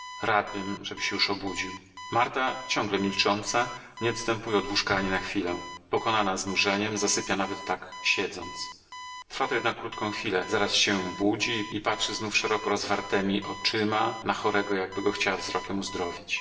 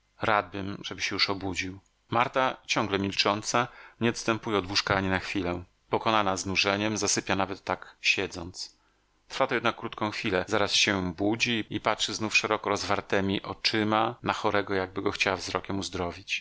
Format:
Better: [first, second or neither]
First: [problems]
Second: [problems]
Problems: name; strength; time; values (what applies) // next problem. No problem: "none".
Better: second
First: background sound (Alarm); 14 dB below the speech // room echo; dies away in 0.9 s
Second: none